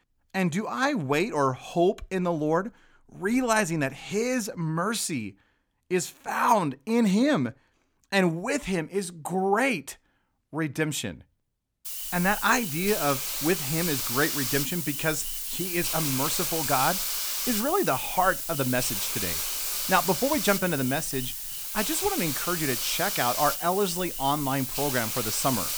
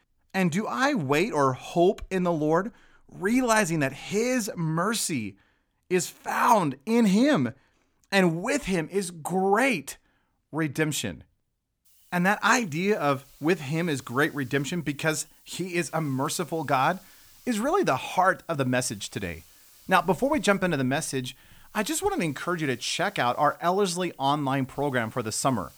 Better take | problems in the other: second | hiss; loud; from 12 s on; 1 dB below the speech; faint in the second

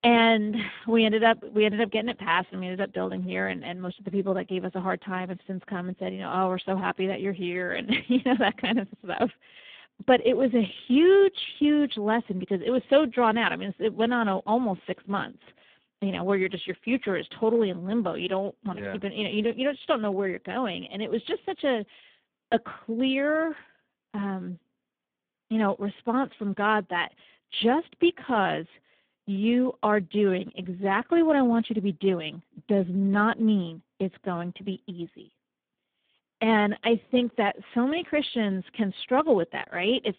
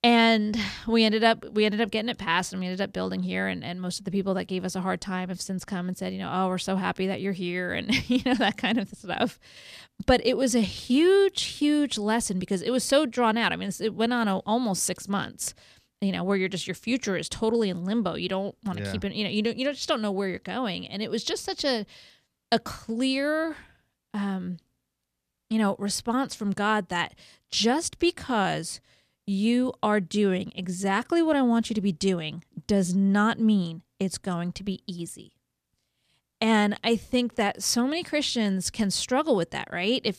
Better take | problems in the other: second | phone-call audio; poor line

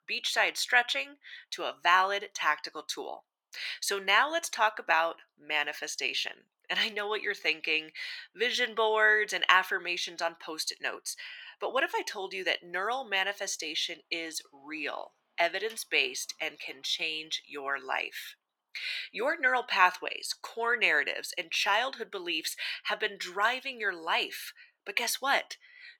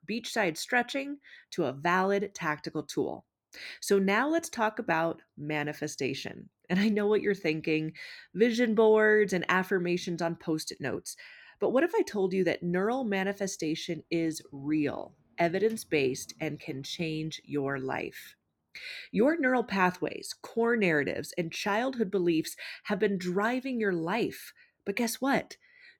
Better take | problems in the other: second | thin; very; fading below 900 Hz

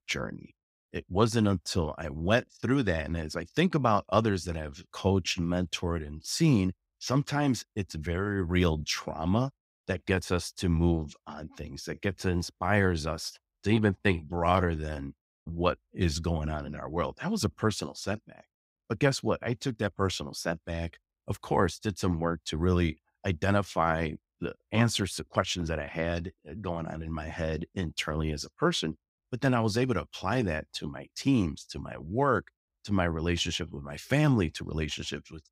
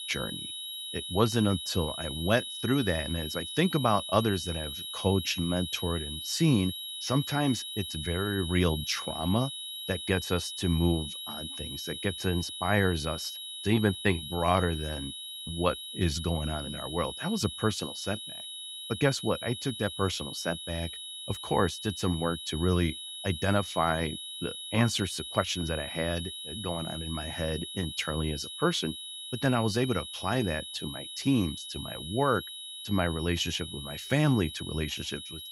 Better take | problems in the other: first | high-pitched whine; loud; throughout; 4 kHz, 7 dB below the speech

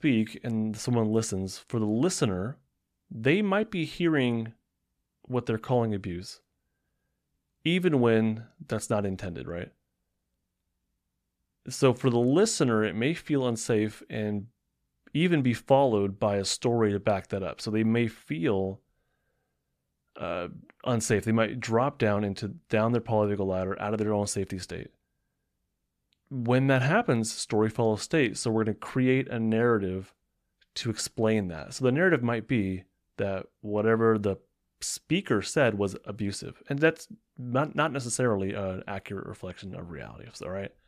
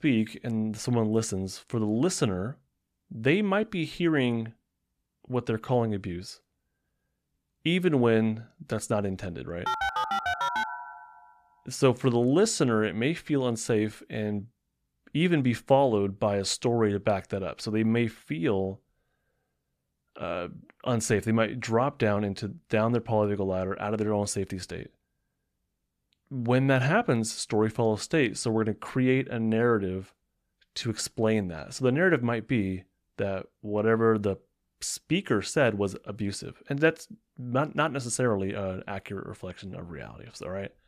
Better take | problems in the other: first | phone ringing; noticeable; from 9.5 to 11 s; peak level with the speech

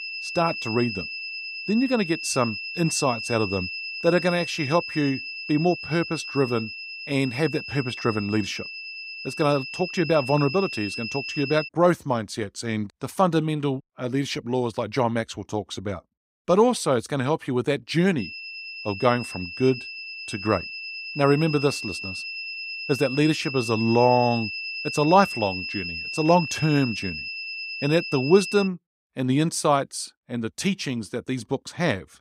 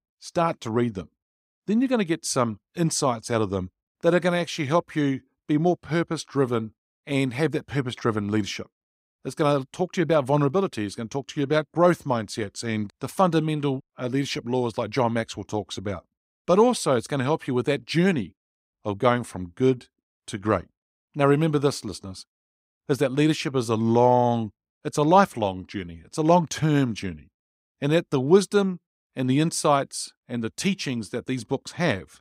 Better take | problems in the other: second | high-pitched whine; loud; until 12 s and from 18 to 29 s; 2.5 kHz, 7 dB below the speech

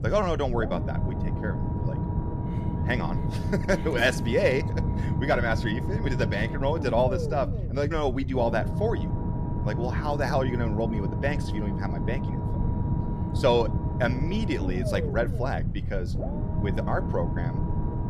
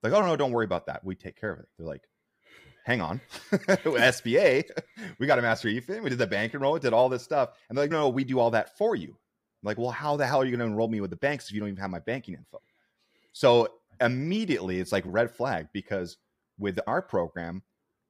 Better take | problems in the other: second | low rumble; loud; throughout; 9 dB below the speech

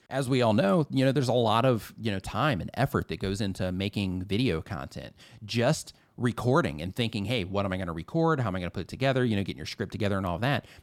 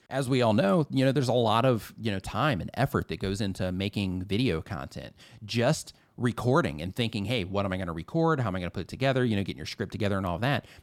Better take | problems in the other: neither | none

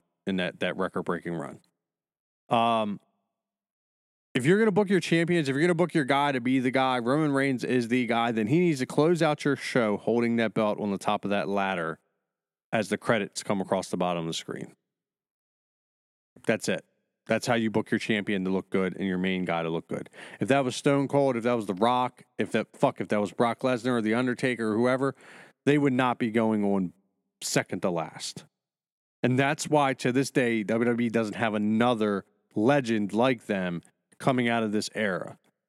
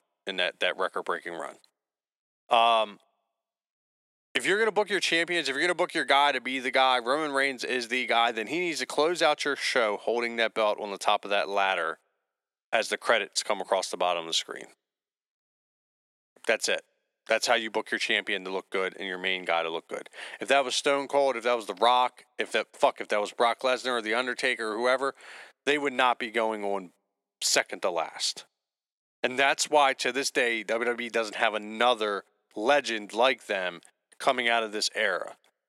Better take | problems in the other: first | thin; very; fading below 600 Hz

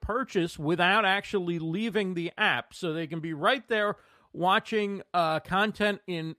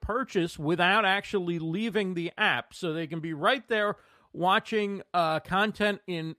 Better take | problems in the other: neither | none

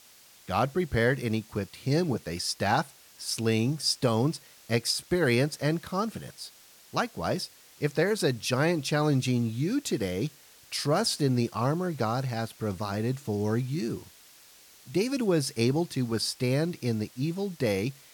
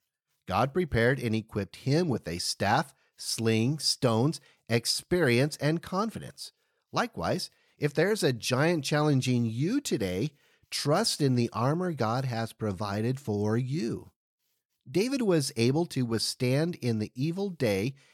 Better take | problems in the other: second | hiss; faint; throughout; 25 dB below the speech

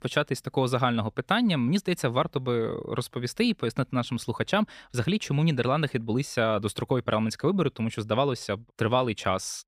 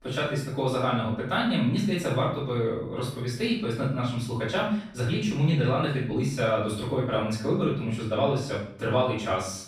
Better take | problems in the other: first | off-mic speech; far // room echo; noticeable; dies away in 0.5 s

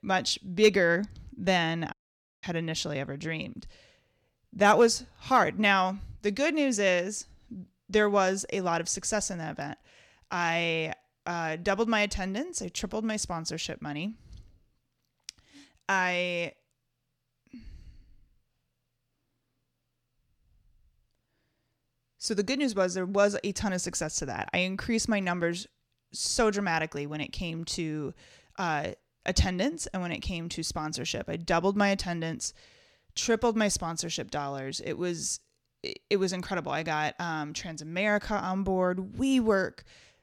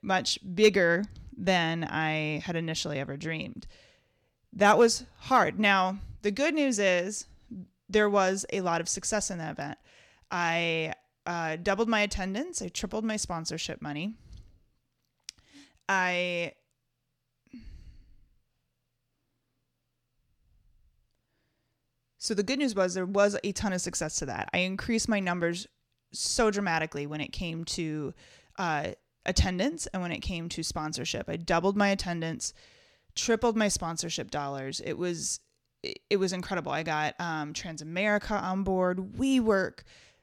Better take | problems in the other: second | audio cutting out; at 2 s for 0.5 s

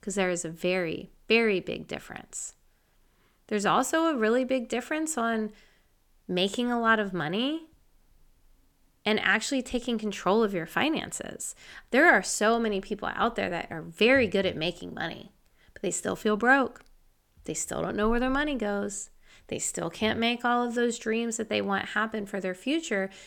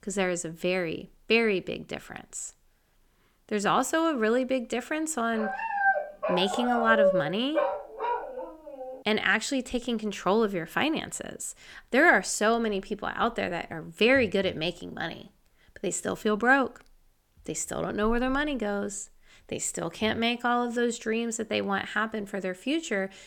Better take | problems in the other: first | dog barking; loud; from 5.5 to 9 s; peak 3 dB above the speech

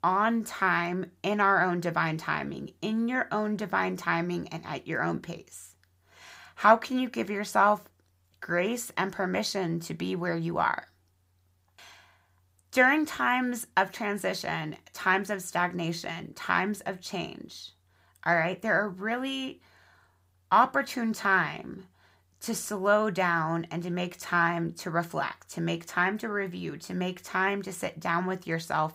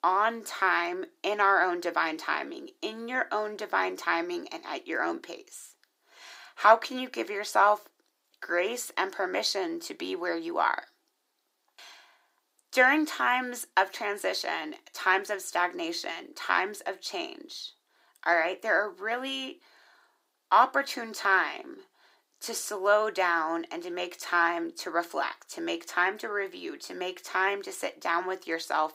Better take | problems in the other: first | thin; somewhat; fading below 300 Hz

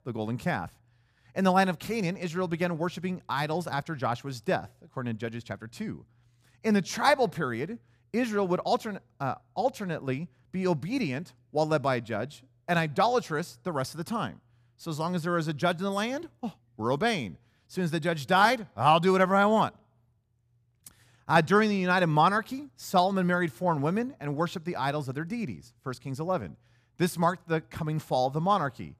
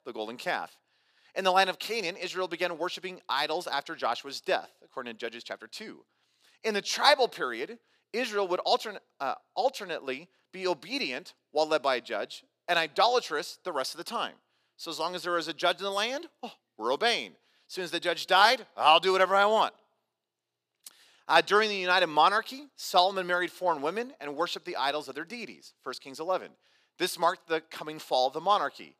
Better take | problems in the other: first | thin; very; fading below 350 Hz

